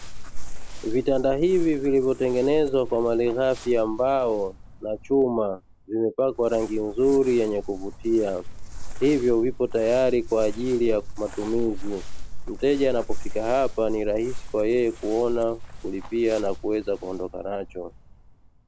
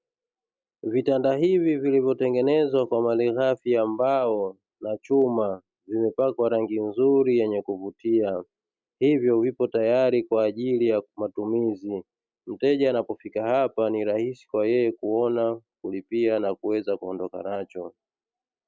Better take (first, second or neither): second